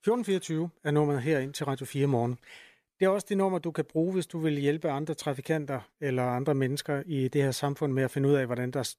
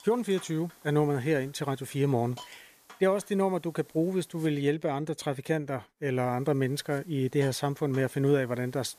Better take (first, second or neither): first